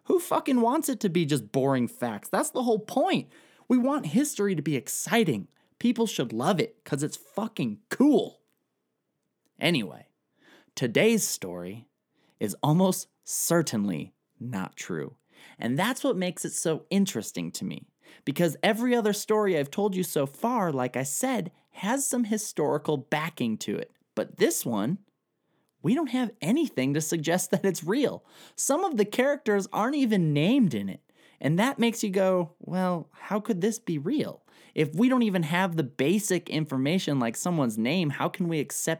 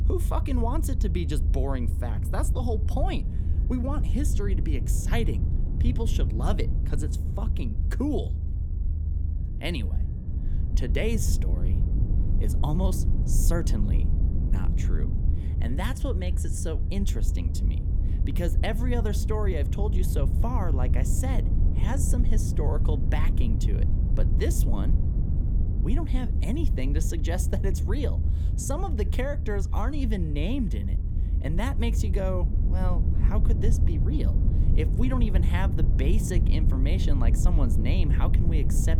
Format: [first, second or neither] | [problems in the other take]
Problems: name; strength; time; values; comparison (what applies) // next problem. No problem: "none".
first | low rumble; loud; throughout; 6 dB below the speech